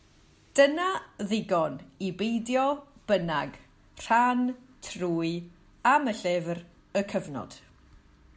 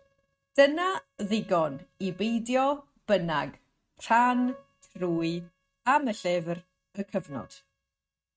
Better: first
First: none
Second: noise reduction (neural mask model RNNoise)

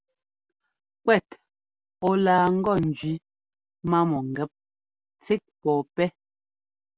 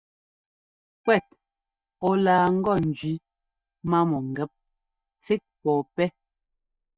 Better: first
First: none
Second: noise reduction (neural mask model DeepFilterNet 3)

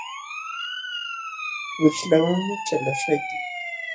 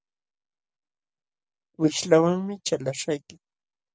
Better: second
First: noise reduction (classical method WPE with log-MMSE)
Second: none

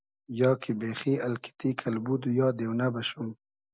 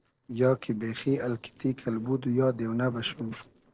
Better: first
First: none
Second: noise reduction (neural separator model SepFormer DNS4)

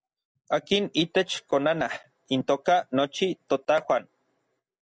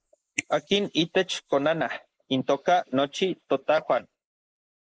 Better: first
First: none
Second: noise reduction (neural mask model Resemble Enhance denoiser)

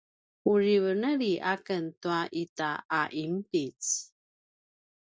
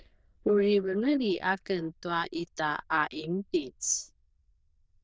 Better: first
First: none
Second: noise reduction (neural diffusion model UNIVERSE++)

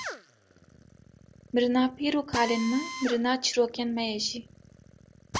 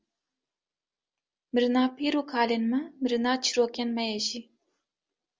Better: second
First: background sound (Drill); 12 dB below the speech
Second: none

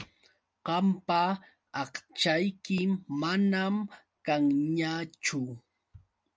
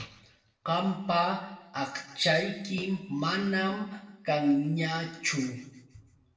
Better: first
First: none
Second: room echo; dies away in 0.9 s

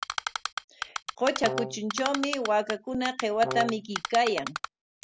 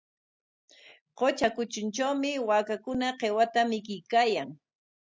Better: second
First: background sound (Brass instrument + Typing); 6 dB below the speech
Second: none

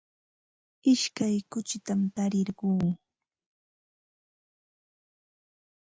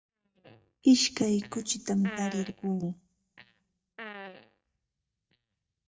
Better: first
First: none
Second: noise reduction (neural mask model DeepFilterNet 3)

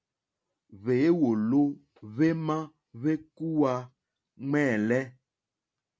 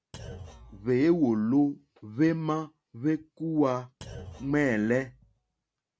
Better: first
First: none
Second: background sound (Thump, thud); 19 dB below the speech

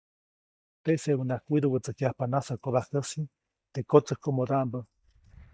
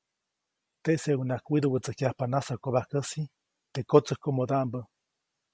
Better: second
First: noise reduction (neural mask model DeepFilterNet 3)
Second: none

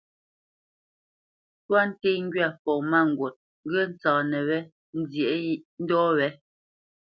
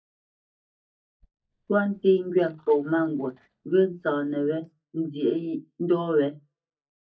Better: first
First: none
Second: noise reduction (neural mask model DeepFilterNet 3)

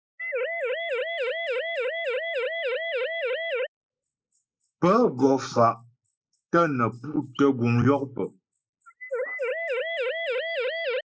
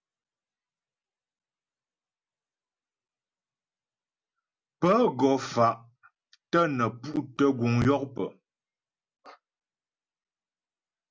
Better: second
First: noise reduction (neural mask model Resemble Enhance denoiser)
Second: none

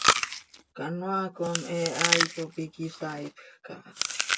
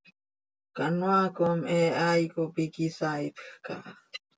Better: second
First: background sound (Chewing, mastication); 3 dB above the speech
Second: none

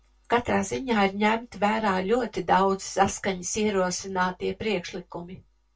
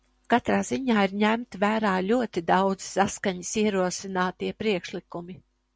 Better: second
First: room echo; dies away in 0.2 s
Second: none

